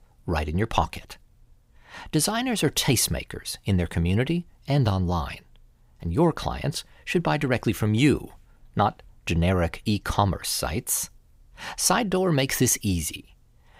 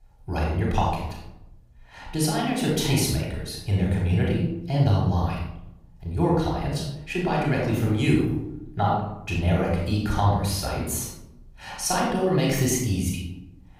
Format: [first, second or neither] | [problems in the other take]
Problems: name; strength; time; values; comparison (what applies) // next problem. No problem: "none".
first | room echo; noticeable; dies away in 0.8 s // off-mic speech; far